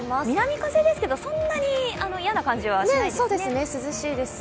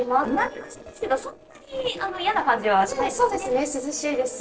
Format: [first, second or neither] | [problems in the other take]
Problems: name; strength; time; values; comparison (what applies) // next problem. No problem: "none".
first | noise reduction (neural separator model SepFormer DNS4)